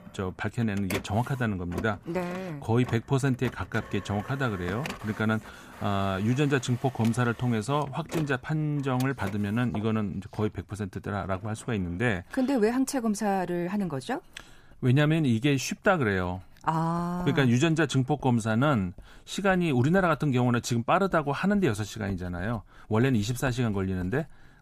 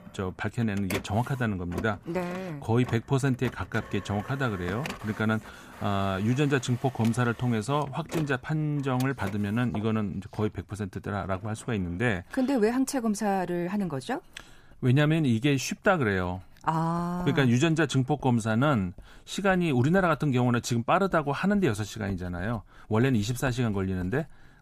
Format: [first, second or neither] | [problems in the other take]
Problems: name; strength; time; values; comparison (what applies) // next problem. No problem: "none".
neither | household noises; noticeable; throughout; 15 dB below the speech; the same in both